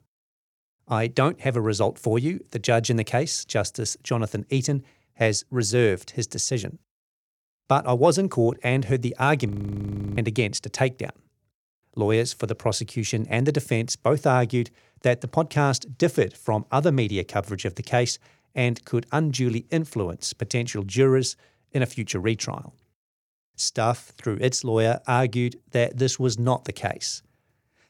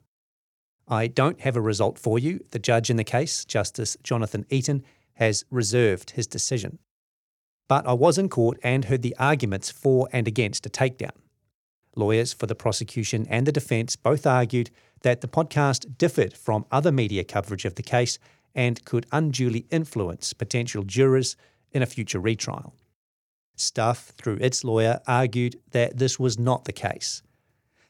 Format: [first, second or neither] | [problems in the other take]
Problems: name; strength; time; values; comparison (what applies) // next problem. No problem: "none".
second | audio freezing; at 9.5 s for 0.5 s